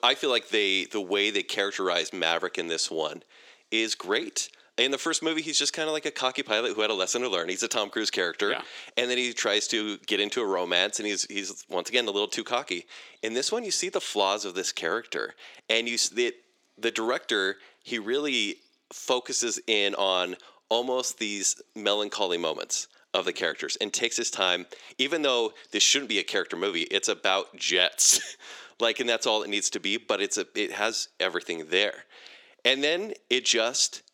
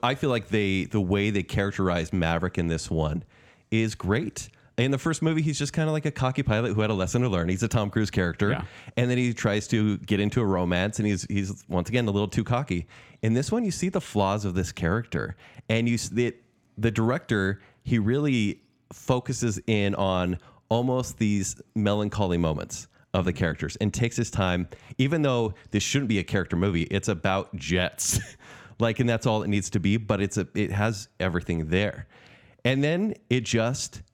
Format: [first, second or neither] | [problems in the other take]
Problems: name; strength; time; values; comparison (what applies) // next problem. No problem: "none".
second | thin; very; fading below 350 Hz